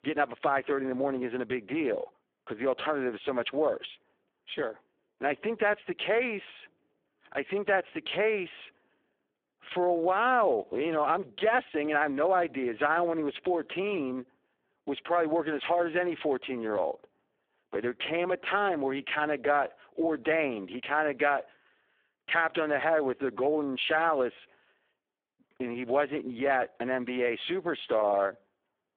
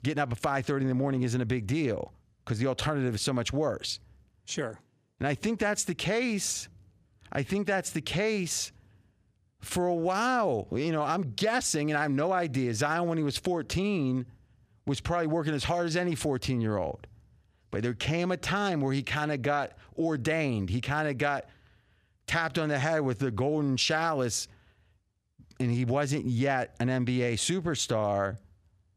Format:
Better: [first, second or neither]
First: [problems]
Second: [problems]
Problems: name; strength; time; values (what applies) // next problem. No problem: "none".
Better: second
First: phone-call audio; poor line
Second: none